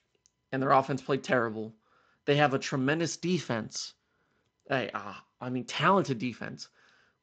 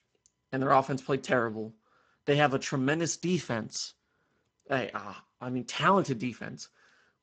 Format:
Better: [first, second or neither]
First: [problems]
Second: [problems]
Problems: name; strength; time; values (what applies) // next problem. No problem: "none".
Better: first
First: garbled, watery; slightly; nothing above 7.5 kHz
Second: garbled, watery; badly